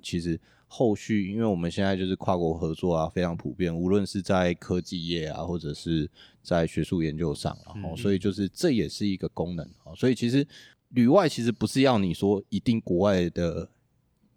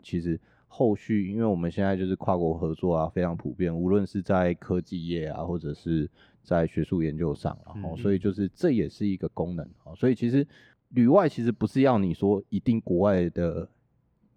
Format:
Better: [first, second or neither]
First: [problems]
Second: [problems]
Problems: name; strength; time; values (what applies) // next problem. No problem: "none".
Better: first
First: none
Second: muffled; slightly; fading above 2.5 kHz